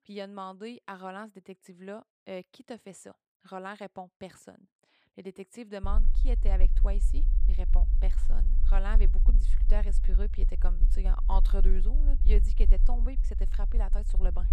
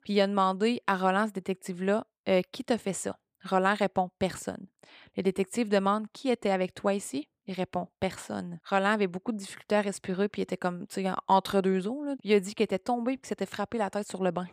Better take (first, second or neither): second